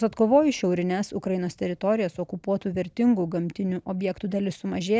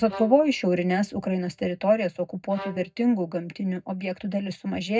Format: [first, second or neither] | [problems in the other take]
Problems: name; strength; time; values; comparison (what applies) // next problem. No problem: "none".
first | noise reduction (neural mask model DeepFilterNet 3)